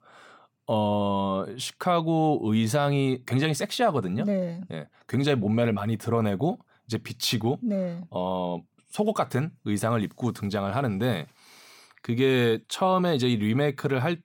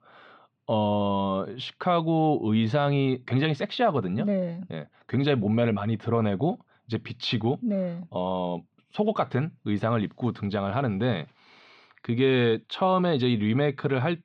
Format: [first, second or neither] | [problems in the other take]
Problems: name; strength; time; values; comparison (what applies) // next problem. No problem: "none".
first | muffled; very slightly; fading above 3.5 kHz